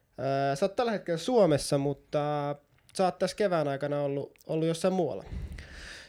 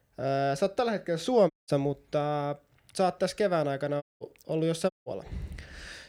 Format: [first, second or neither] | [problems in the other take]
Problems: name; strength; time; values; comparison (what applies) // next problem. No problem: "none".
first | audio cutting out; at 1.5 s, at 4 s and at 5 s